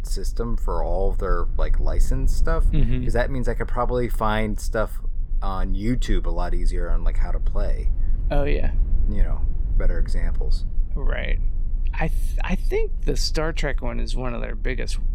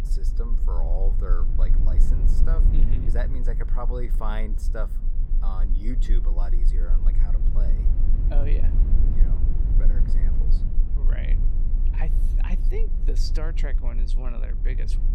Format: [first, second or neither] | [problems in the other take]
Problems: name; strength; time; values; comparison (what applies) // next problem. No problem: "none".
first | low rumble; loud; throughout; 6 dB below the speech; faint in the first